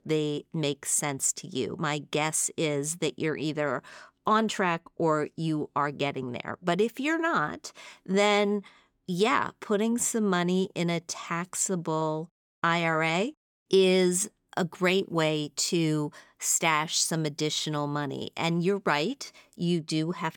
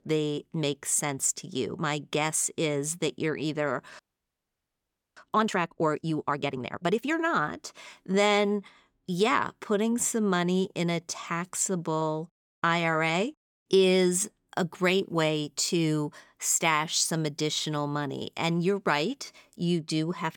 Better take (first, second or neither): first